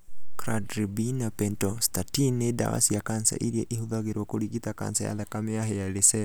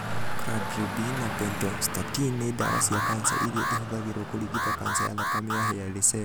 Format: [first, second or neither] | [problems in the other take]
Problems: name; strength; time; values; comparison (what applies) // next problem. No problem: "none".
first | background sound (Alarm + Traffic noise, roadway noise); 2 dB below the speech